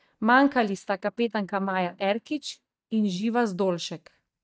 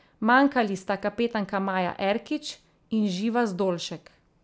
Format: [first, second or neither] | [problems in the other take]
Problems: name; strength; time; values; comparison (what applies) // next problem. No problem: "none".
second | noise reduction (neural mask model DeepFilterNet 3)